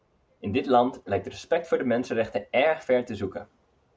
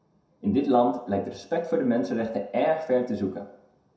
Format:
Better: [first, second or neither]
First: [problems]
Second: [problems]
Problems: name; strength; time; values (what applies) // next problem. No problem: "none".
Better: first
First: none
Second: room echo; dies away in 0.5 s